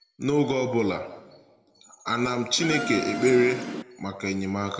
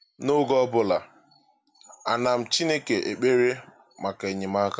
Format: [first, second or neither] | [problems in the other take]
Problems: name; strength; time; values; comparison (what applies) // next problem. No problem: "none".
second | background sound (Insect); 5 dB below the speech // room echo; dies away in 1.1 s